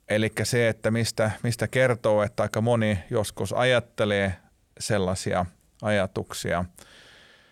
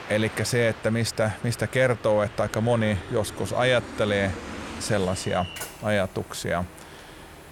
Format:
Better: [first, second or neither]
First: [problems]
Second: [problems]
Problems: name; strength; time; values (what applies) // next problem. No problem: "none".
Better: first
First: none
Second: train or aircraft noise; noticeable; throughout; 15 dB below the speech